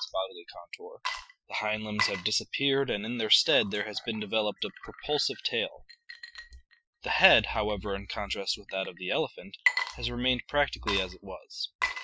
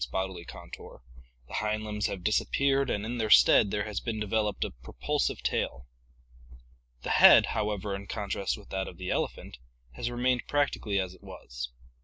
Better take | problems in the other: second | noise reduction (classical method Wiener filter)

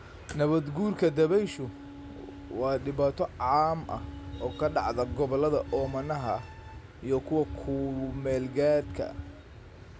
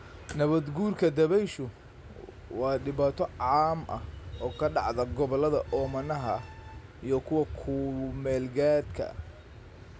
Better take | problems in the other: second | background sound (Wind instrument, woodwind instrument); 18 dB below the speech

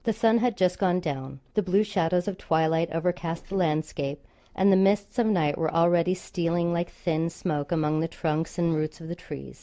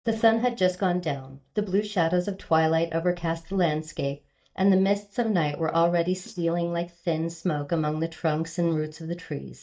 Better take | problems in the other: first | noise reduction (neural mask model DeepFilterNet 3)

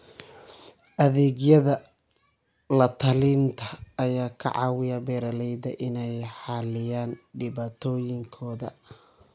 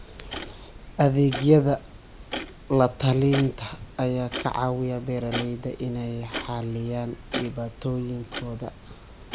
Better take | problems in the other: first | background sound (Clock); 12 dB below the speech

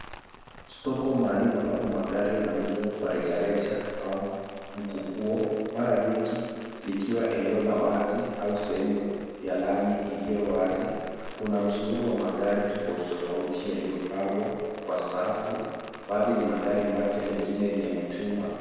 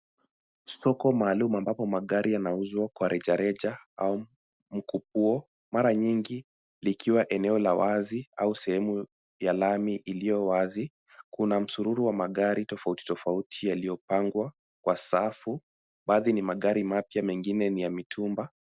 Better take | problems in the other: second | background sound (Rain); 17 dB below the speech // room echo; dies away in 1.9 s

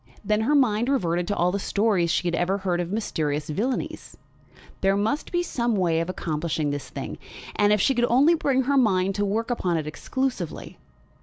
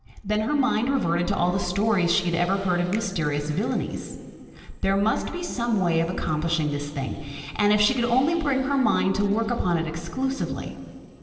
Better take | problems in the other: first | noise reduction (neural separator model SepFormer DNS4)

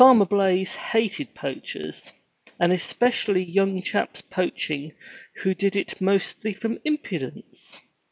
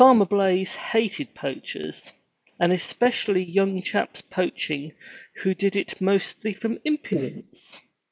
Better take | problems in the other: first | noise reduction (neural mask model Resemble Enhance denoiser)

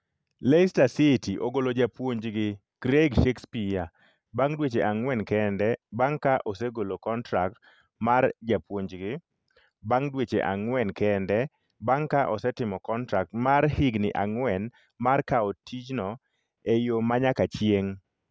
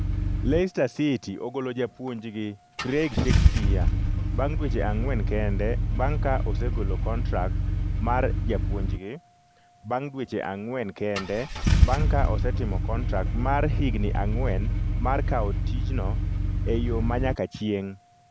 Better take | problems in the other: first | background sound (Engine starting / Car); 4 dB above the speech

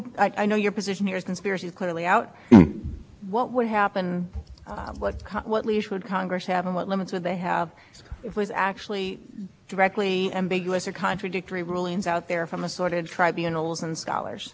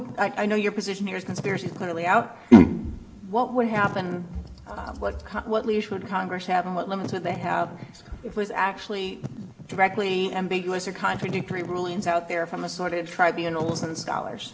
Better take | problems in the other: first | background sound (Wind / Fire); 14 dB below the speech // room echo; dies away in 0.6 s

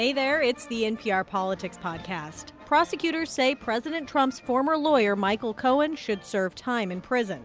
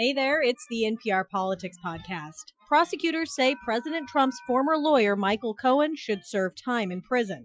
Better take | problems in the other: first | noise reduction (classical method Wiener filter)

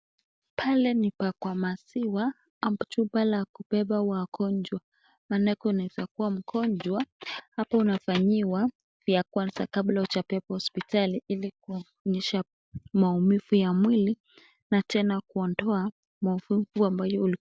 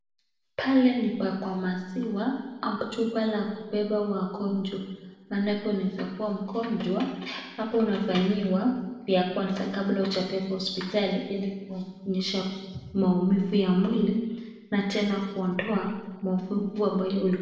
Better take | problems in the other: first | room echo; dies away in 1.1 s

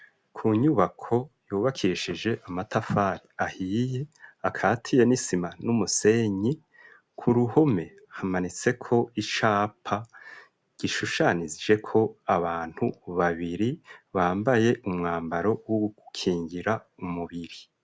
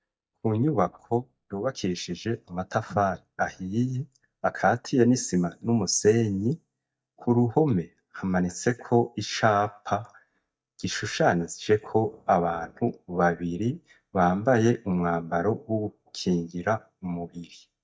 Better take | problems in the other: first | noise reduction (neural mask model DeepFilterNet 3)

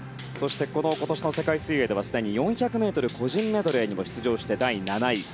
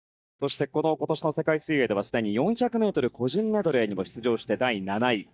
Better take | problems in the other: first | noise reduction (neural mask model DeepFilterNet 3)

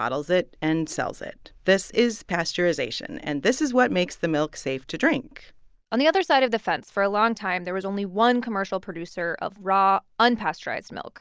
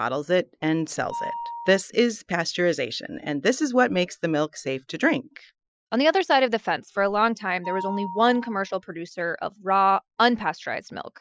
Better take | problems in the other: first | noise reduction (classical method Wiener filter)

